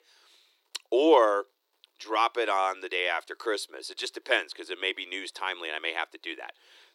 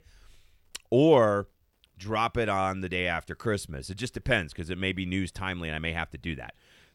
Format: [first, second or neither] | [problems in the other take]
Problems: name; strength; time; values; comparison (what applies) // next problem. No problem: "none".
second | thin; very; fading below 300 Hz